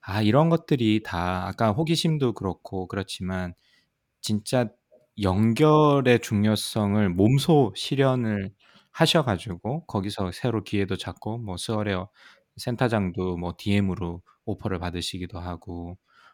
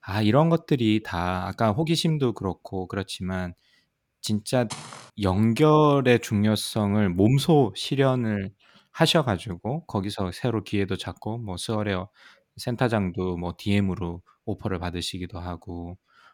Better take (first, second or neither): first